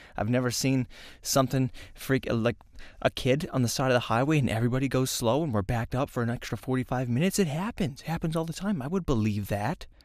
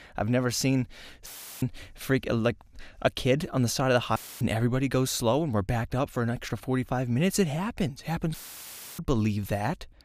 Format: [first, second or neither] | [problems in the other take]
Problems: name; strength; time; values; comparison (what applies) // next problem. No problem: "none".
first | audio cutting out; filled with static; at 1.5 s, at 4 s and at 8.5 s for 0.5 s